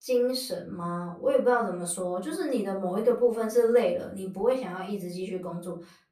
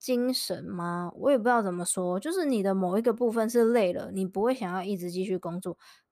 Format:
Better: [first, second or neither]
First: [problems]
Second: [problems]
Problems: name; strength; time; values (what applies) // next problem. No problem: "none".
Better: second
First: off-mic speech; far // room echo; very slight; dies away in 0.3 s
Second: none